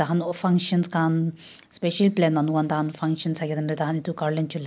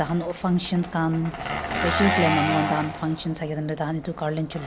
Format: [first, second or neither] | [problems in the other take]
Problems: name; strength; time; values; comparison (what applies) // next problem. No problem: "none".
first | background sound (Engine); 4 dB below the speech